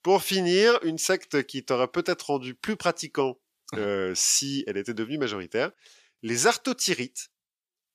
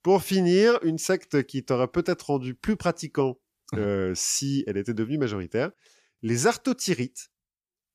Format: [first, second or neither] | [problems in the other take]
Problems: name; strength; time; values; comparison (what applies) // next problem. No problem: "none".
second | thin; very slightly; fading below 1 kHz